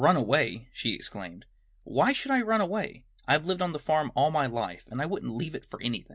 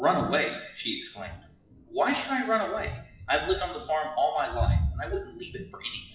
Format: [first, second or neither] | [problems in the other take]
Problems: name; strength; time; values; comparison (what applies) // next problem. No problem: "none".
first | noise reduction (classical method WPE with log-MMSE)